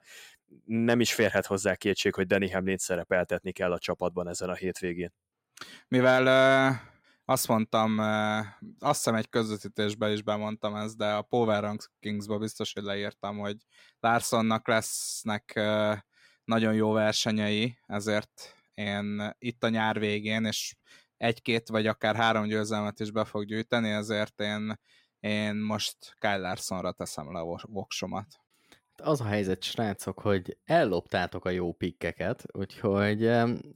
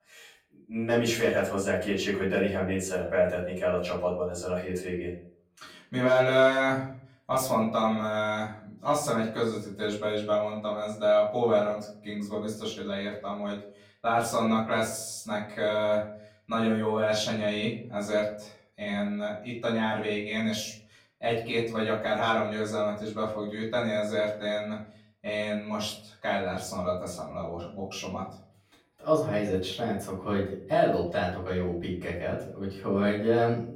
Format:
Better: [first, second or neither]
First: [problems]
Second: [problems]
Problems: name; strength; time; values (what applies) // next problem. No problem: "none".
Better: first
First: none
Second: room echo; slight; dies away in 0.5 s // off-mic speech; far